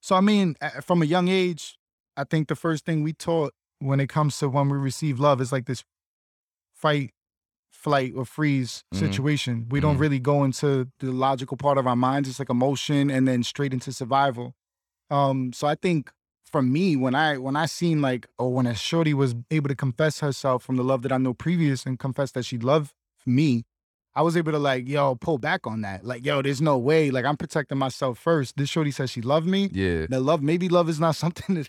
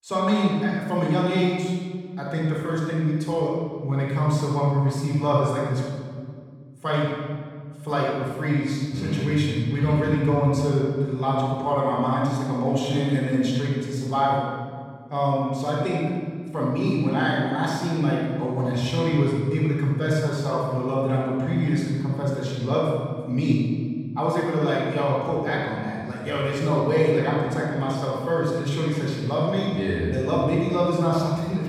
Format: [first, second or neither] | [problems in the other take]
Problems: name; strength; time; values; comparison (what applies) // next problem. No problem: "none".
first | off-mic speech; far // room echo; strong; dies away in 1.8 s